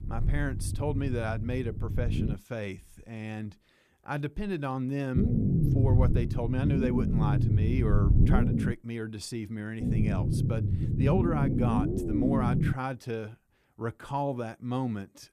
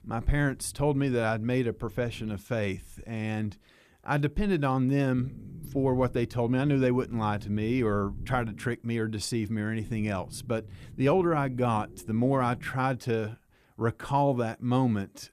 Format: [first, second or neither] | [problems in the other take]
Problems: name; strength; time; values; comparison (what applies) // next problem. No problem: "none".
second | low rumble; loud; until 2.5 s, from 5 to 8.5 s and from 10 to 13 s; 1 dB below the speech; faint in the second